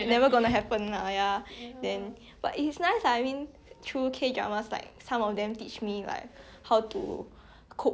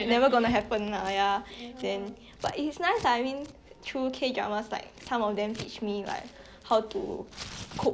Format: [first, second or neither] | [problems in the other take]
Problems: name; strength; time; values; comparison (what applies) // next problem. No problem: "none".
first | background sound (Scissors); 18 dB below the speech // room echo; dies away in 0.3 s